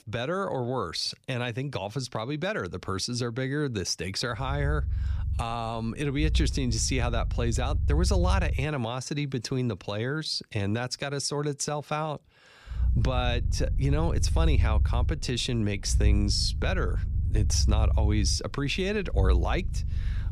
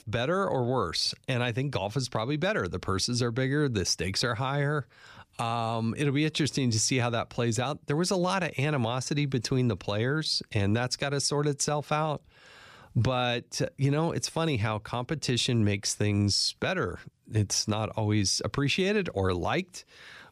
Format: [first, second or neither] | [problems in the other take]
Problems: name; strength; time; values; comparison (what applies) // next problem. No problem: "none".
second | low rumble; noticeable; from 4.5 to 8.5 s and from 13 s on; 15 dB below the speech